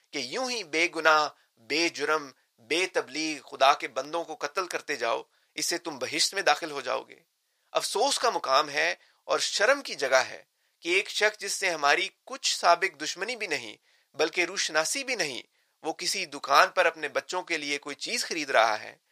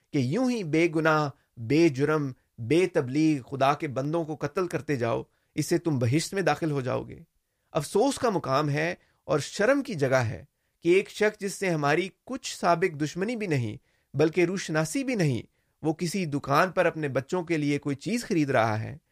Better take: second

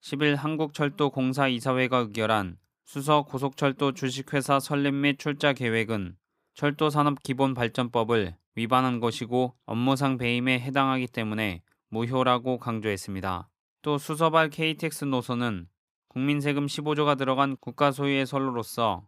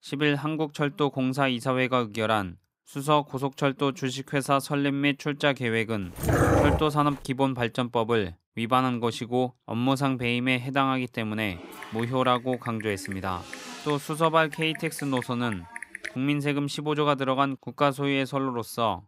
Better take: first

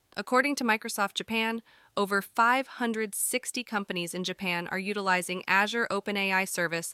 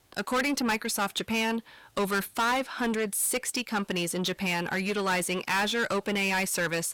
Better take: first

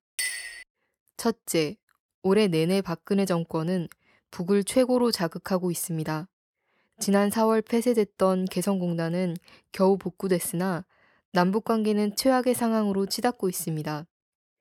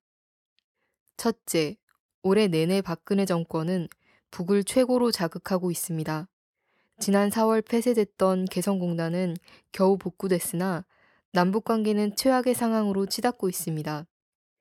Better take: second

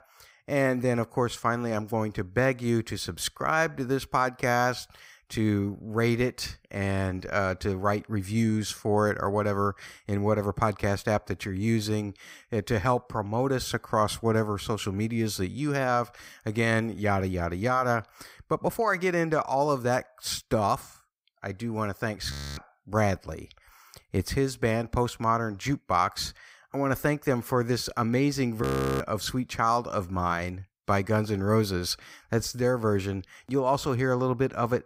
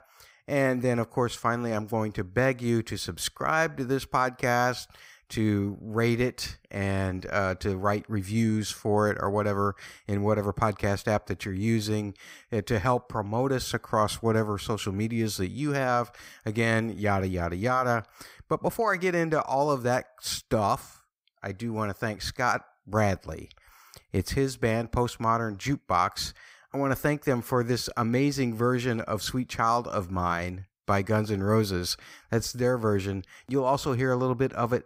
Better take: second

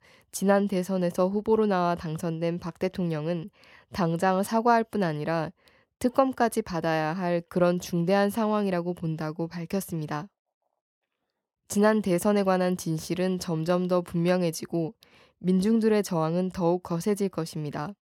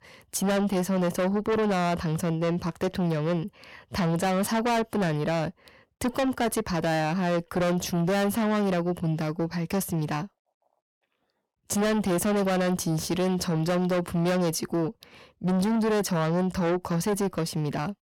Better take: first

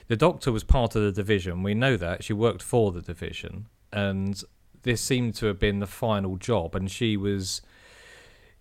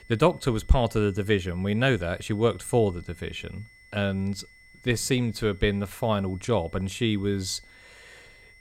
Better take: first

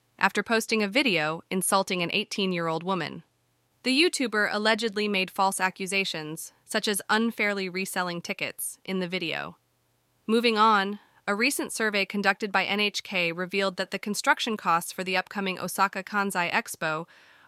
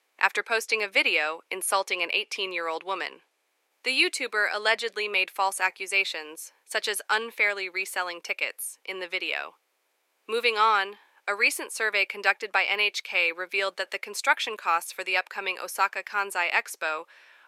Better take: first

